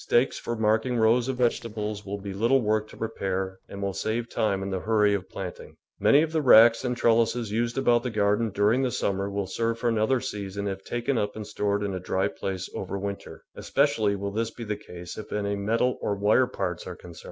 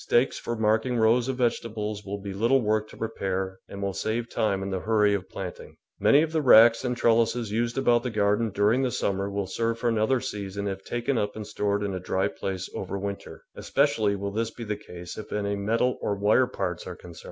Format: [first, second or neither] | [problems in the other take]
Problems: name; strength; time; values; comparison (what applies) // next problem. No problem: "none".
second | noise reduction (neural separator model SepFormer DNS4)